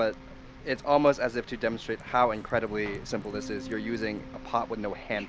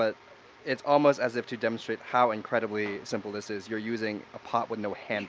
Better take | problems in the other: second | background sound (Bass guitar + Wind / Fire); 15 dB below the speech

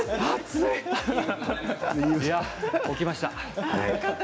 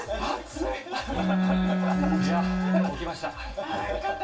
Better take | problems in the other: first | background sound (Bowed string instrument); 5 dB above the speech // room echo; dies away in 0.2 s

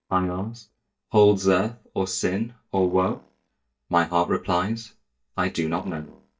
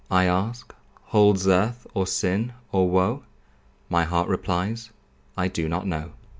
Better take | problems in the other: second | noise reduction (neural mask model DeepFilterNet 3)

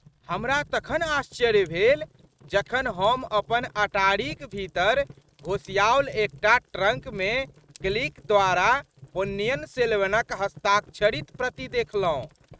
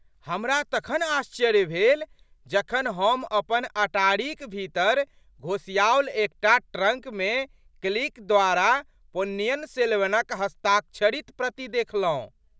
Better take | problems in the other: second | noise reduction (neural mask model RNNoise)

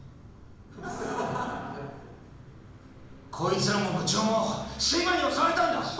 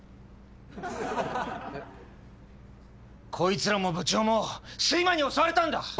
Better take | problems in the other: second | background sound (Engine / Vehicle); 19 dB below the speech // room echo; dies away in 1 s

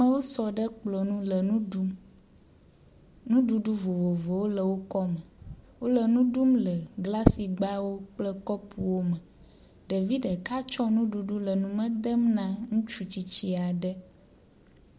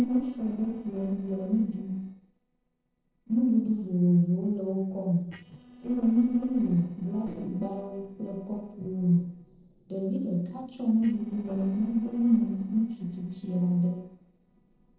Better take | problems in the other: first | noise reduction (neural separator model SepFormer DNS4)

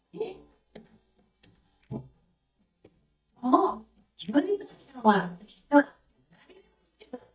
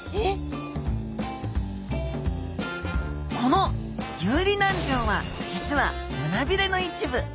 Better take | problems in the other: second | noise reduction (neural mask model DeepFilterNet 3)

